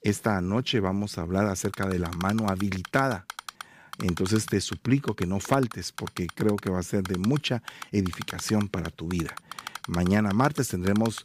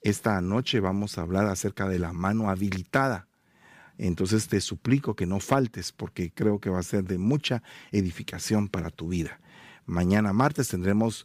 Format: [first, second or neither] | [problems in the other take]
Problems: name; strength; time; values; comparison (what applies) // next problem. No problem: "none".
second | keyboard typing; faint; from 1.5 s on; peak 10 dB below the speech